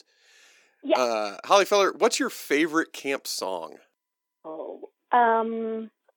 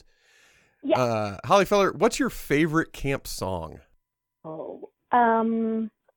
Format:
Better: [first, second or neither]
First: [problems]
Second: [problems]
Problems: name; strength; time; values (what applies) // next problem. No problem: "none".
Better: second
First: thin; very slightly; fading below 300 Hz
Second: none